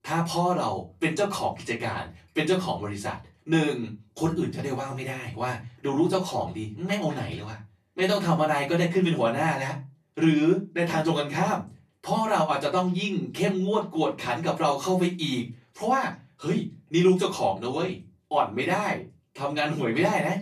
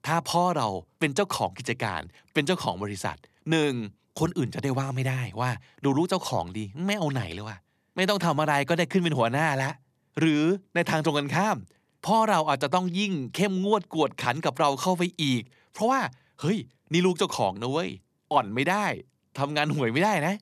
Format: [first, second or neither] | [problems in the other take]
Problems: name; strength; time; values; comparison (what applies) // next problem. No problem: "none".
second | off-mic speech; far // room echo; very slight; dies away in 0.3 s